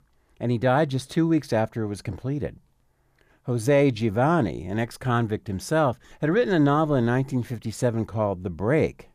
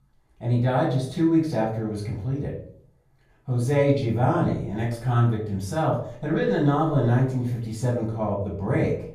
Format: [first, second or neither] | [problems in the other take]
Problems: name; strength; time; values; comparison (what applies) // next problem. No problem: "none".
first | off-mic speech; far // room echo; slight; dies away in 0.5 s